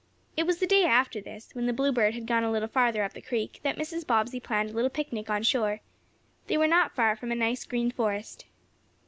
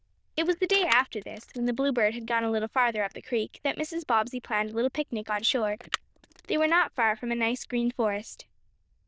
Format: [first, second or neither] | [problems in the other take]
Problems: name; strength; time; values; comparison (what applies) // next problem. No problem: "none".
first | noise reduction (neural diffusion model UNIVERSE++)